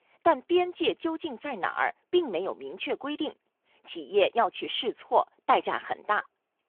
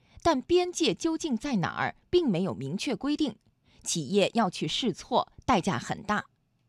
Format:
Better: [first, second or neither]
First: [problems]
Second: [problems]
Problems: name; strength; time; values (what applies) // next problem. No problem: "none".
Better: second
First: phone-call audio; nothing above 3.5 kHz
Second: none